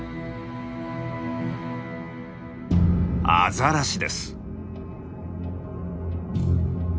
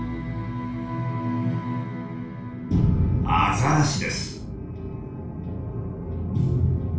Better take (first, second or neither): first